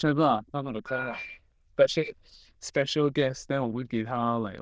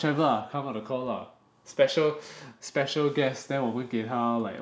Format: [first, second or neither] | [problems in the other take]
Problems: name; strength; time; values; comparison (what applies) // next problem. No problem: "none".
second | noise reduction (neural diffusion model UNIVERSE++)